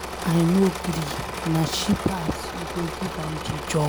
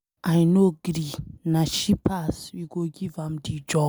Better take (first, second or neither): second